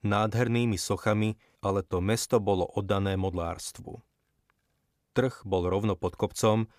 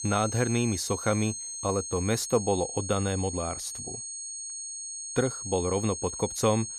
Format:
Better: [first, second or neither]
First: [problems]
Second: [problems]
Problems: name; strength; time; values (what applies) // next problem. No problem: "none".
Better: first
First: none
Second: high-pitched whine; loud; throughout; 6.5 kHz, 6 dB below the speech